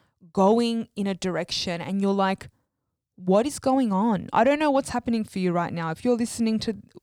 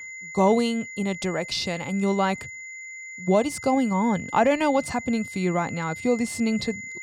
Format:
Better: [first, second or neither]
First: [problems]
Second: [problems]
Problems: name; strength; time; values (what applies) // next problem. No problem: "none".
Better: first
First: none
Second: high-pitched whine; noticeable; throughout; 2 kHz, 10 dB below the speech